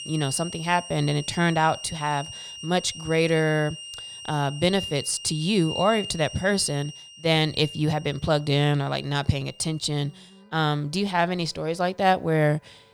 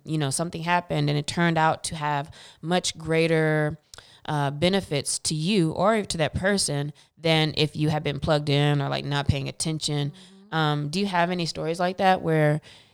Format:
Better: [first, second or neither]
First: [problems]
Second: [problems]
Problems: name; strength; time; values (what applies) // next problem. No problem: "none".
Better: second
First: background music; noticeable; throughout; 10 dB below the speech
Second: none